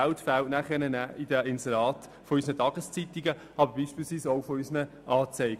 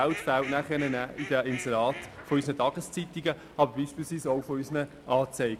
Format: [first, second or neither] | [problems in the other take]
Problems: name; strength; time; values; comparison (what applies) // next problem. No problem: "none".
first | background sound (Fowl); 16 dB below the speech